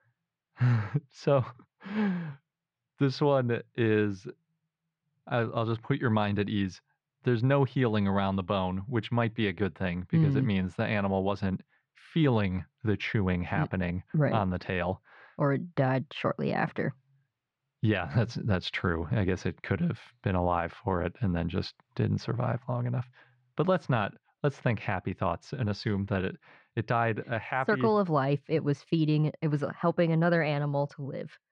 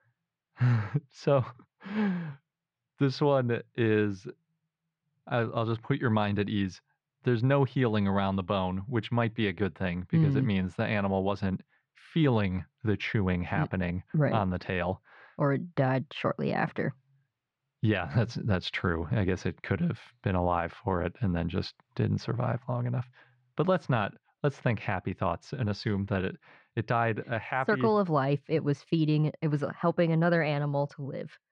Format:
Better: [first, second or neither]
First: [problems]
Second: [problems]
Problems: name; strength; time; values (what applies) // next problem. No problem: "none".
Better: neither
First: muffled; slightly; fading above 2.5 kHz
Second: muffled; slightly; fading above 2.5 kHz